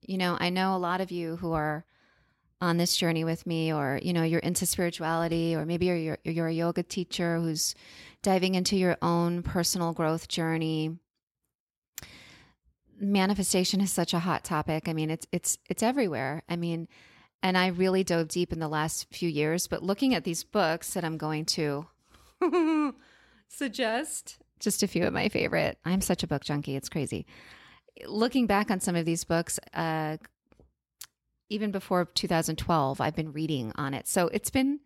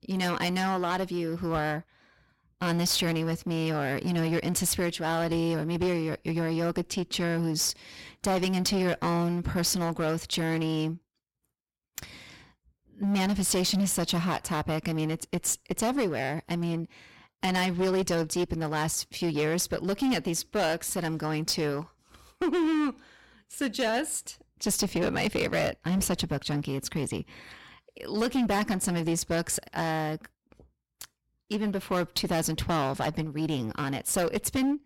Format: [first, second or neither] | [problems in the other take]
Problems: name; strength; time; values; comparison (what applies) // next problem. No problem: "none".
first | distortion; heavy; 12% of the sound clipped